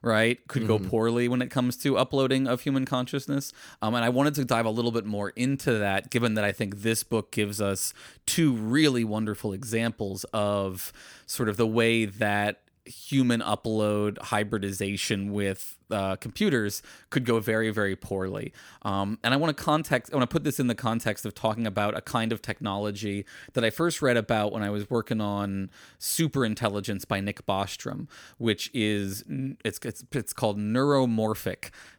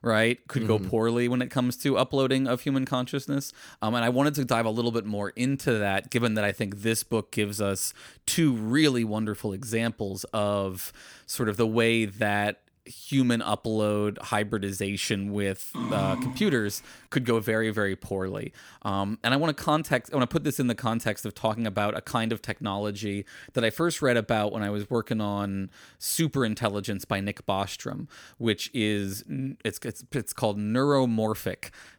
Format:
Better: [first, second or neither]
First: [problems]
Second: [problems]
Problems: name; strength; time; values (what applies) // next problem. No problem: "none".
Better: first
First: none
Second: dog barking; noticeable; at 16 s; peak 3 dB below the speech